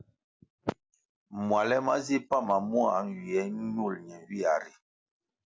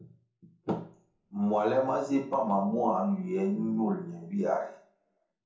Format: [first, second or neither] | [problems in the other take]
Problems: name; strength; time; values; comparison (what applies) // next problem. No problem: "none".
first | room echo; dies away in 0.7 s